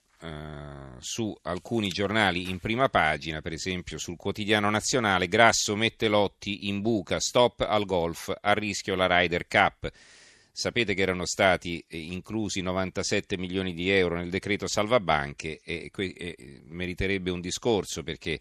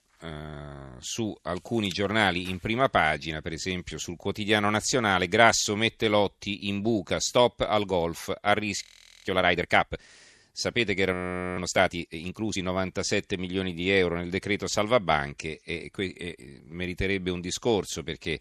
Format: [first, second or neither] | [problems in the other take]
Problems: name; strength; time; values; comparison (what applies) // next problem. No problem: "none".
first | audio freezing; at 9 s and at 11 s